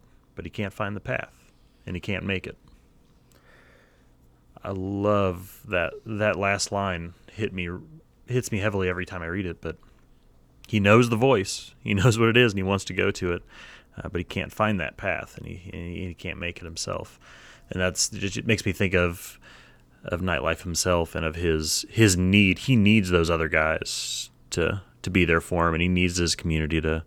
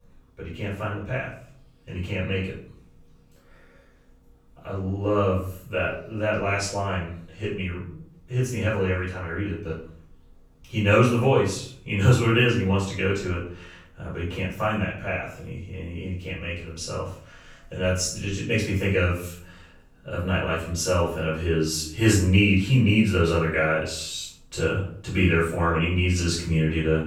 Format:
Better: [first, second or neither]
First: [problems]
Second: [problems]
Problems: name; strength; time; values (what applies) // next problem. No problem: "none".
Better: first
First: none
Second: off-mic speech; far // room echo; noticeable; dies away in 0.5 s